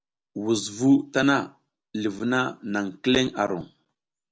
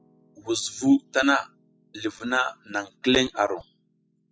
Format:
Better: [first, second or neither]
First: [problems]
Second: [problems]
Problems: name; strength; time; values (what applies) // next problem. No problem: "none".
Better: first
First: none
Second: noise reduction (classical method spectral subtraction)